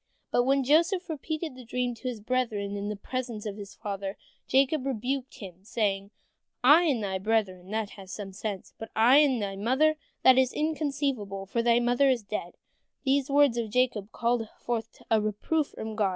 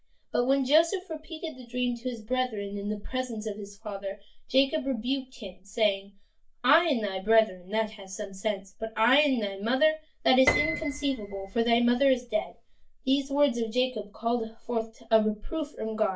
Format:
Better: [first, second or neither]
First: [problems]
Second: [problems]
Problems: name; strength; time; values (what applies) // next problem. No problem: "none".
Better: first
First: none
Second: background sound (Piano); 6 dB below the speech // room echo; dies away in 0.2 s